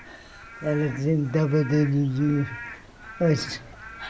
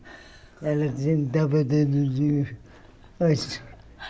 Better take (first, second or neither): second